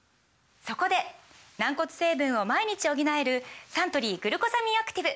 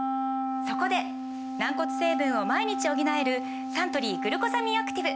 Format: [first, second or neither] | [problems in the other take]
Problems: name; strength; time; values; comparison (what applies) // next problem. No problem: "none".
first | background sound (Wind instrument, woodwind instrument); 1 dB below the speech